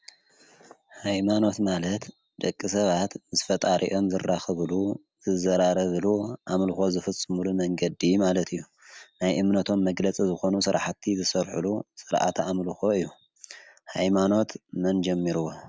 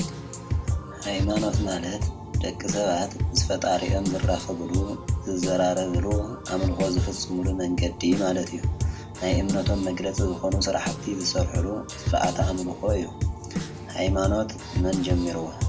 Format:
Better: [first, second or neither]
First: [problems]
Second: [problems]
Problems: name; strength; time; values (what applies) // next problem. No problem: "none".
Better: first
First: none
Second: background sound (Drum kit); 1 dB below the speech // room echo; dies away in 0.2 s